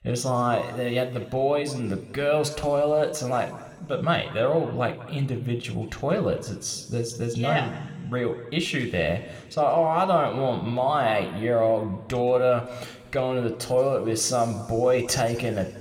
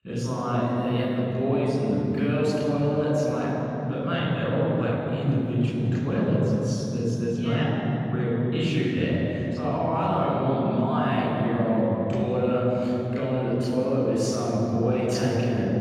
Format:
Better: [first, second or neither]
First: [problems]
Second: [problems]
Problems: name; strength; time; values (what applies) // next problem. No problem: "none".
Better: first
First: room echo; slight; dies away in 2.7 s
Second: room echo; strong; dies away in 3 s // off-mic speech; far